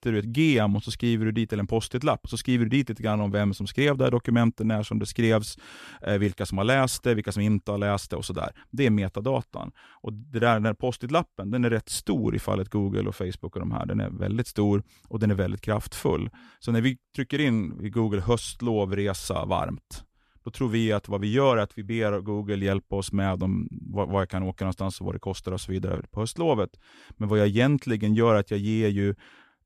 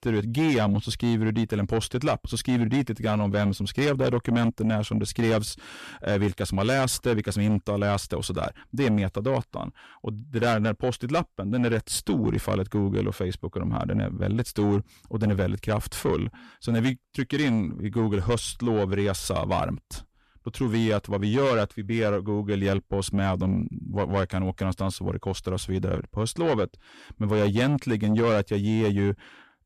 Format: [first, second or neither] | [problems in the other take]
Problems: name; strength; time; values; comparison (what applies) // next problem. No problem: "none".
first | distortion; slight; 10 dB below the speech